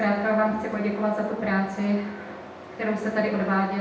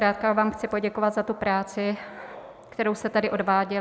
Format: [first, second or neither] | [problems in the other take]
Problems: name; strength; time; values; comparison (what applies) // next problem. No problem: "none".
second | background sound (Truck); 16 dB below the speech // room echo; dies away in 0.8 s